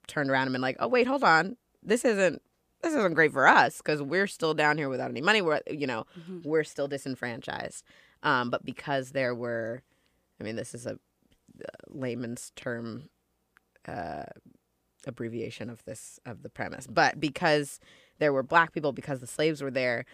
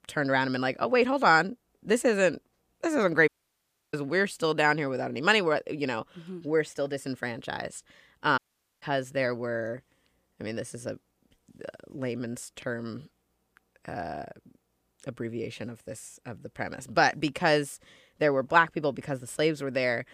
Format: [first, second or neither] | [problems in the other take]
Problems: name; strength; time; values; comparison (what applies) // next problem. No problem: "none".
first | audio cutting out; at 3.5 s for 0.5 s and at 8.5 s